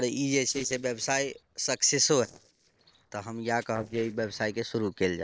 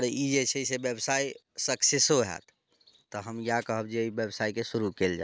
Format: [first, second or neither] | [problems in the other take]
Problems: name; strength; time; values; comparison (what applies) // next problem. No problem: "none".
second | noise reduction (neural separator model SepFormer DNS4)